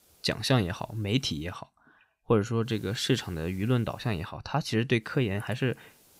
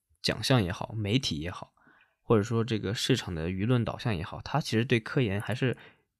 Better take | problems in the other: second | hiss; faint; until 1.5 s, from 2.5 to 4.5 s and from 5 s on; 30 dB below the speech

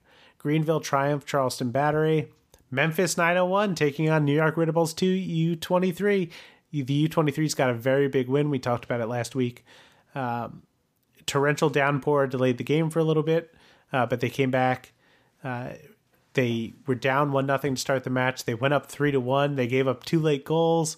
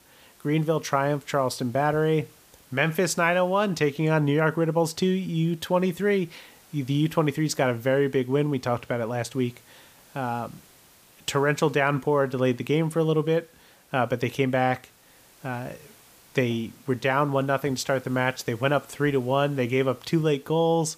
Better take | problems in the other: first | hiss; faint; throughout; 30 dB below the speech

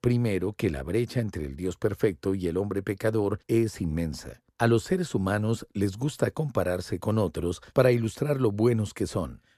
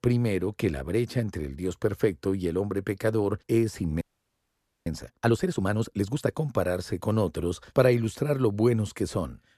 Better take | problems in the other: first | audio freezing; at 4 s for 1 s

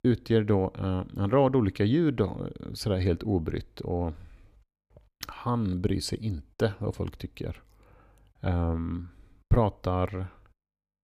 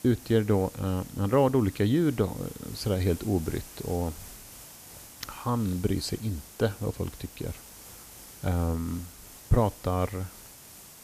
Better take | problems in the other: first | hiss; noticeable; throughout; 15 dB below the speech

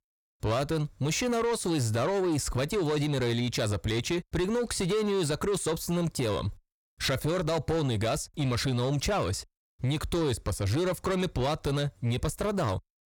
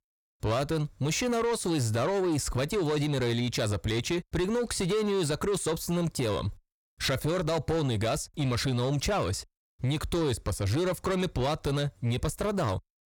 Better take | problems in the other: neither | distortion; slight; 10 dB below the speech; the same in both

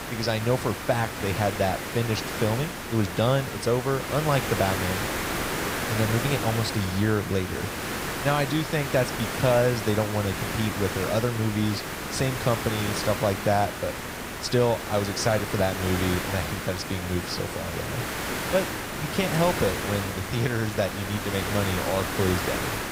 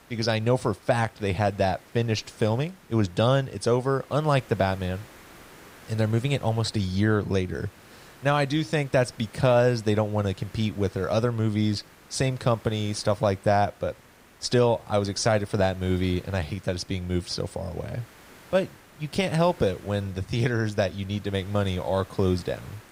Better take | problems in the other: second | hiss; loud; throughout; 3 dB below the speech; faint in the second

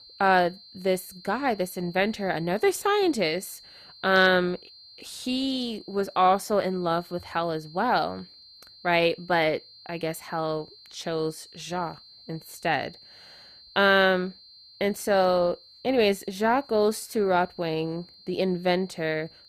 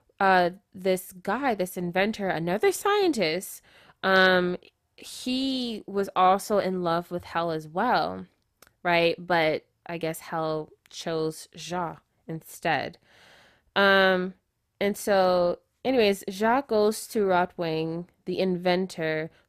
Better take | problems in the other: second | high-pitched whine; faint; throughout; 4 kHz, 20 dB below the speech

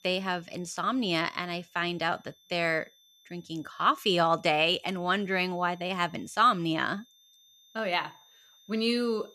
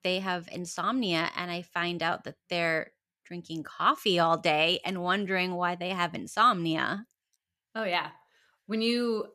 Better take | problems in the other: second | high-pitched whine; faint; throughout; 3.5 kHz, 30 dB below the speech

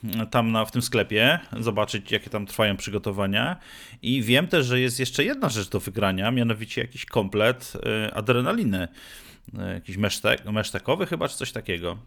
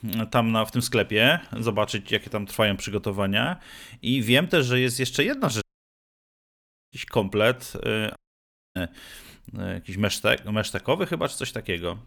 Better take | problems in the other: first | audio cutting out; at 5.5 s for 1.5 s and at 8 s for 0.5 s

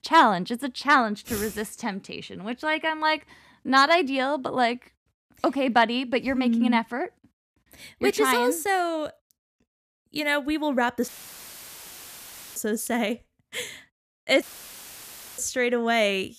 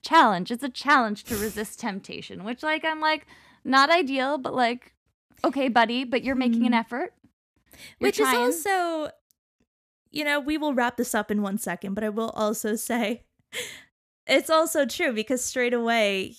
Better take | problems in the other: second | audio cutting out; filled with static; at 11 s for 1.5 s and at 14 s for 1 s

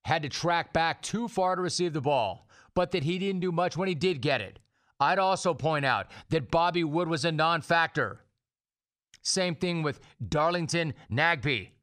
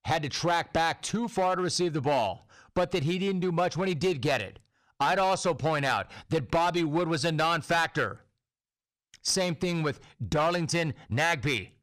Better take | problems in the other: first | distortion; slight; 6% of the sound clipped

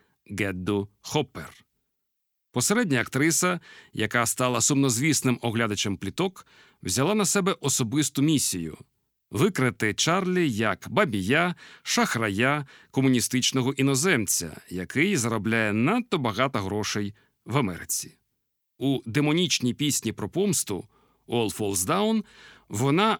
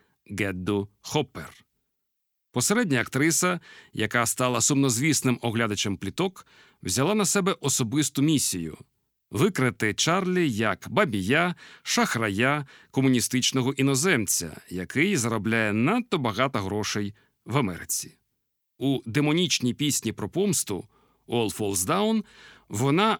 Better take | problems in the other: neither | none

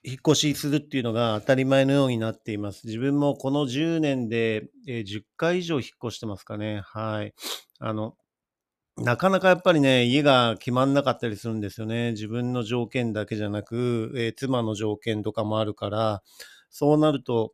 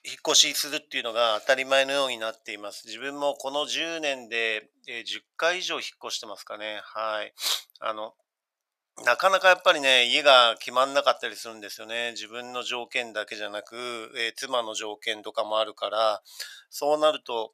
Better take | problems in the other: first | thin; very; fading below 950 Hz

